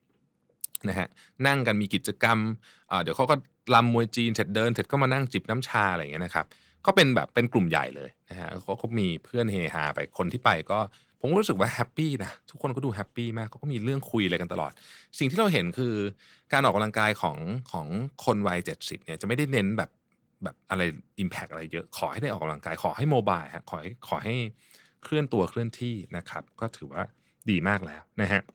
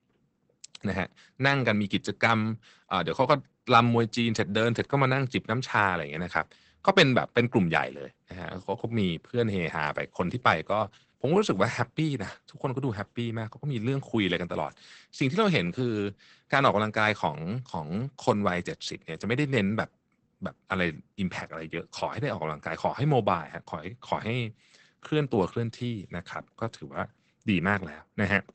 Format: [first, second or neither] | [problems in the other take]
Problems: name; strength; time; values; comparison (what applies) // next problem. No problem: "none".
first | garbled, watery; badly; nothing above 8 kHz; slightly in the first